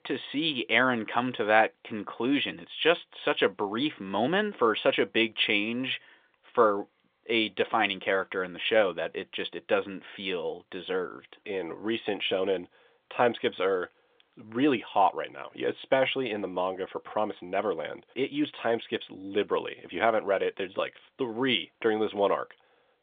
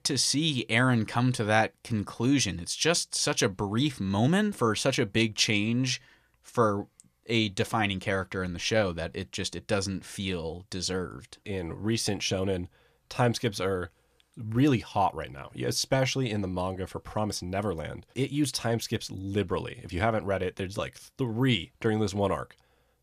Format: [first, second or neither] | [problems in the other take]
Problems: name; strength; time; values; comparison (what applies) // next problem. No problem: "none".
second | phone-call audio